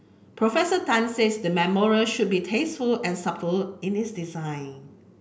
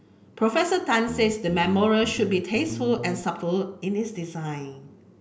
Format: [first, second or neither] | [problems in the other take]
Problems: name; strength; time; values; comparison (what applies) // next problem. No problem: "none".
first | background sound (Guitar); 11 dB below the speech